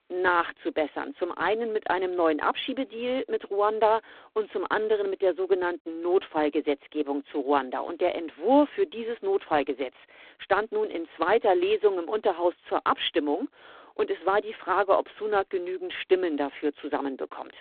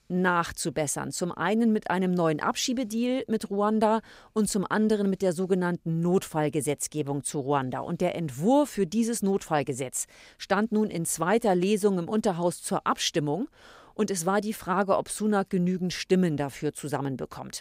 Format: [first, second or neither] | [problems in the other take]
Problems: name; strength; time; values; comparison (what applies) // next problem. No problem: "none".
second | phone-call audio; poor line